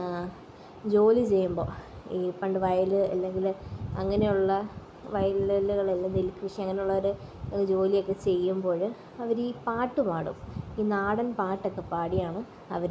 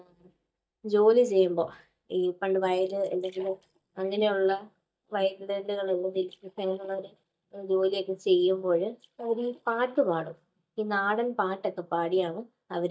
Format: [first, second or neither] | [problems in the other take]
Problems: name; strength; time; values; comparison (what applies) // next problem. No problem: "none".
first | noise reduction (neural mask model DeepFilterNet 3)